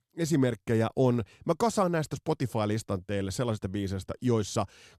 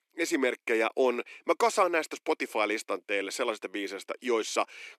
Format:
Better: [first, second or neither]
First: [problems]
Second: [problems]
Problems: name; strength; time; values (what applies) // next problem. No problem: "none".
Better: first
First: none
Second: thin; somewhat; fading below 300 Hz